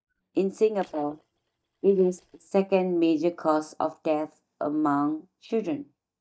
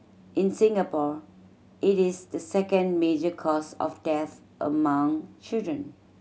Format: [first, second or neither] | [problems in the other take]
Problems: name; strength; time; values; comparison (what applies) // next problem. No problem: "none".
second | noise reduction (neural mask model DeepFilterNet 3)